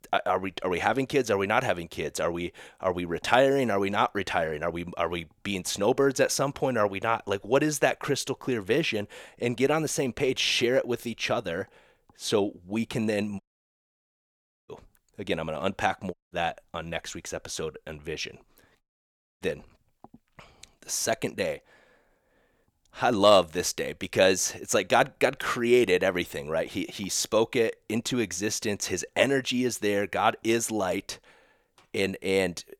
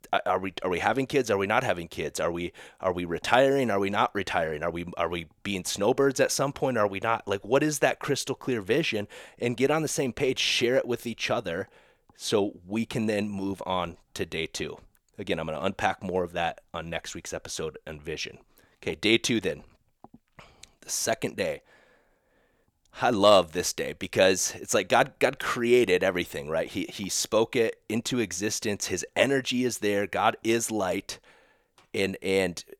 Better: second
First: audio cutting out; at 13 s for 1.5 s, at 16 s and at 19 s for 0.5 s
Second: none

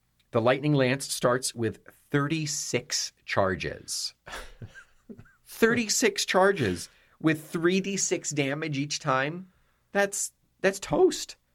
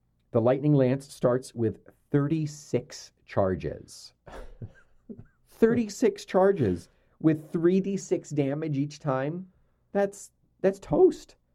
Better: first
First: none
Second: muffled; slightly; fading above 1 kHz

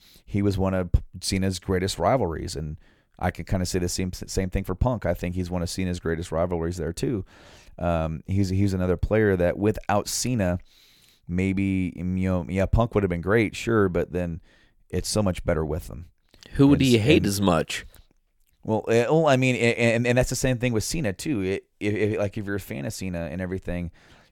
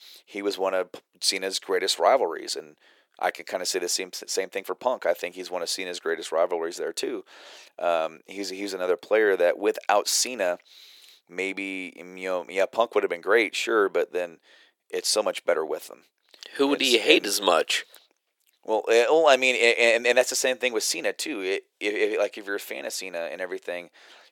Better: first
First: none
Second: thin; very; fading below 400 Hz

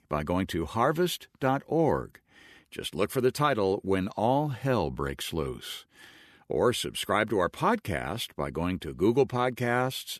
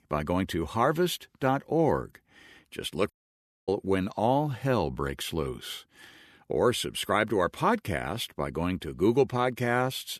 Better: first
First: none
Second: audio cutting out; at 3 s for 0.5 s

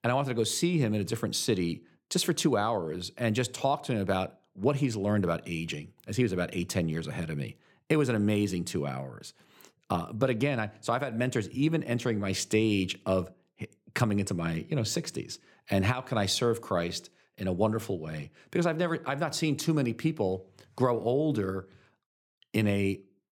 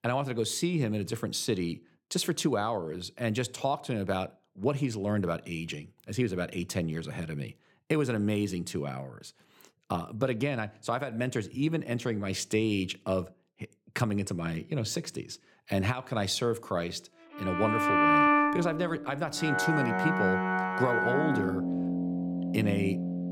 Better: first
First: none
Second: background music; very loud; from 18 s on; 3 dB above the speech

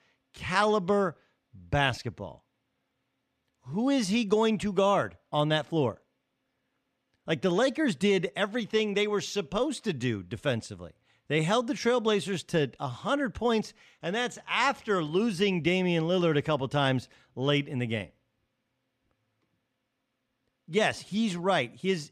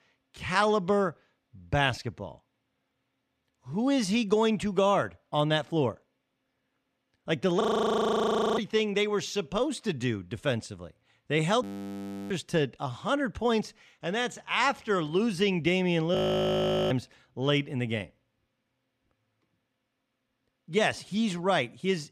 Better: first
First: none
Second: audio freezing; at 7.5 s for 1 s, at 12 s for 0.5 s and at 16 s for 1 s

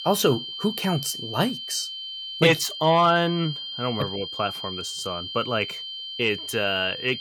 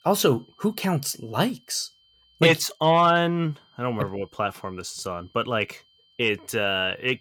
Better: second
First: high-pitched whine; loud; throughout; 3 kHz, 7 dB below the speech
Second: high-pitched whine; faint; throughout; 3 kHz, 35 dB below the speech

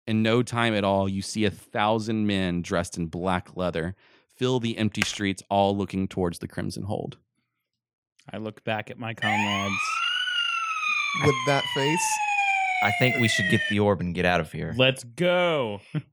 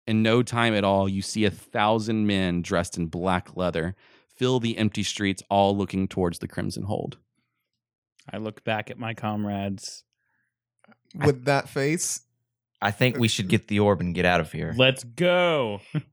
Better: second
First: keyboard typing; very faint; at 5 s; peak 4 dB below the speech // siren; loud; from 9 to 14 s; peak 4 dB above the speech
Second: none

